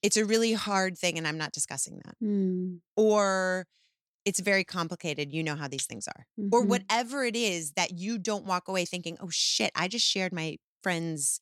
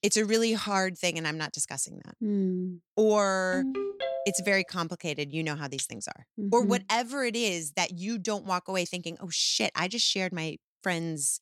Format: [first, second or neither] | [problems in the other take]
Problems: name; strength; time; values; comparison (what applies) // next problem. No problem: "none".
first | phone ringing; noticeable; at 3.5 s; peak 3 dB below the speech